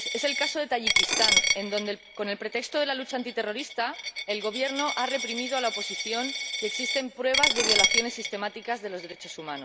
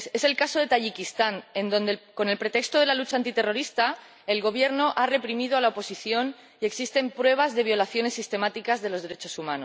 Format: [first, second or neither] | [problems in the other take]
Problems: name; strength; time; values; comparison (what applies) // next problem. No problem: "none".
second | background sound (Coin (dropping)); 1 dB above the speech